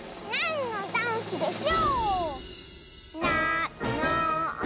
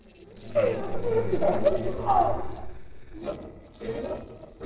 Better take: first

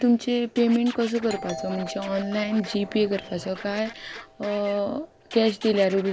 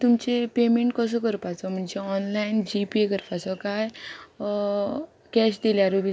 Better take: second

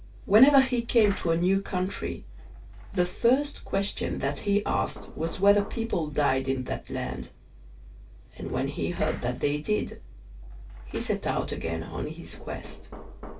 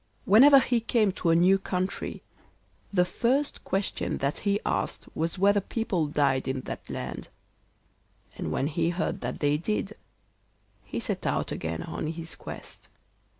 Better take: second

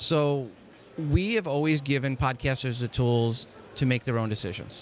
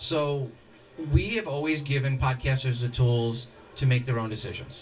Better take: first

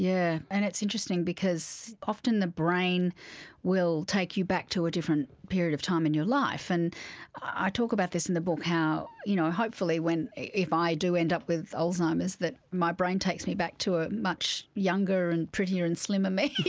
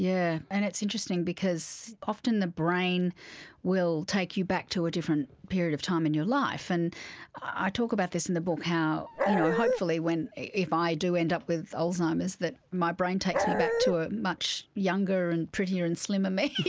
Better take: first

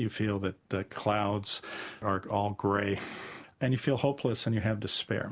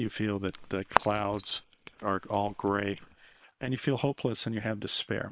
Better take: first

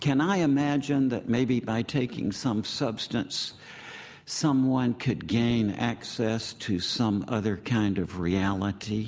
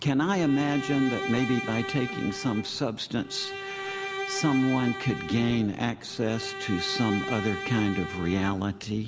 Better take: first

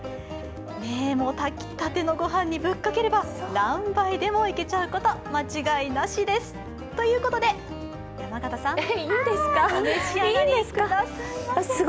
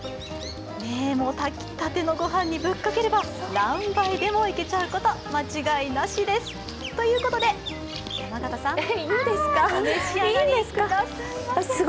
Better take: first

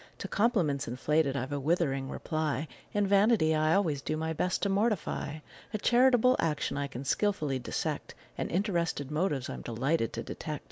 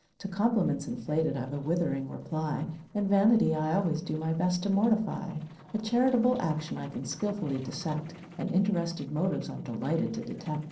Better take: first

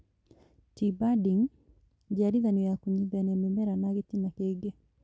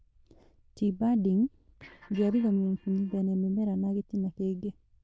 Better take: first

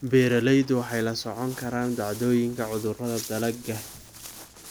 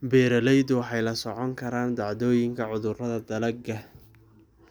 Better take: second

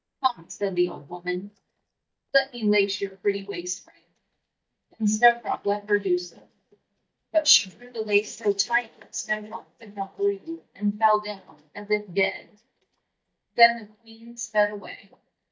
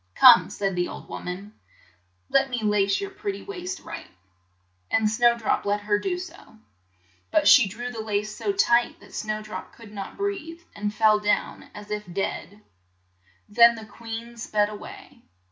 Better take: second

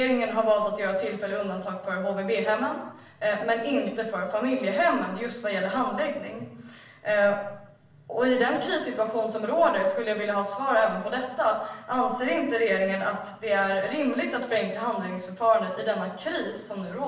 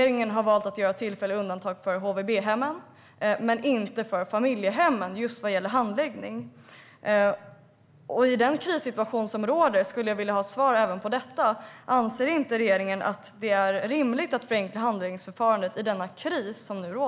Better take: second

